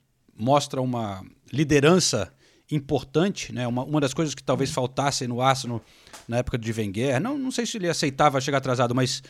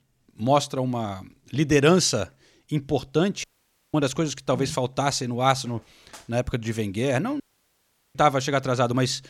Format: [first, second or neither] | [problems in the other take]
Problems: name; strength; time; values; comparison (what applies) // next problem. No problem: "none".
first | audio cutting out; at 3.5 s for 0.5 s and at 7.5 s for 1 s